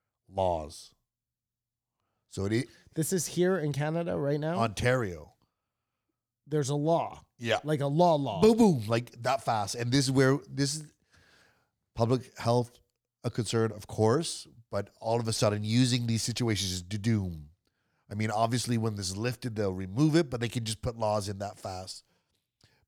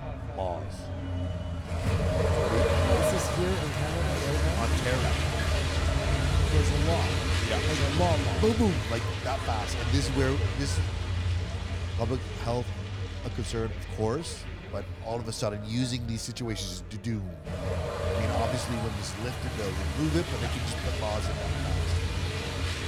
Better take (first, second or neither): first